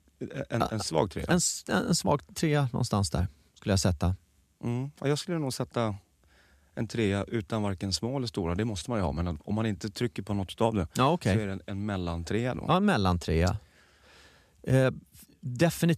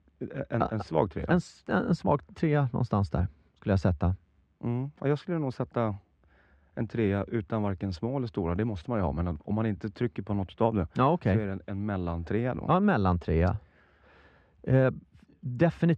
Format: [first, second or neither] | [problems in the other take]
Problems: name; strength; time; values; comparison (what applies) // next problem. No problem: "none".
first | muffled; very; fading above 2 kHz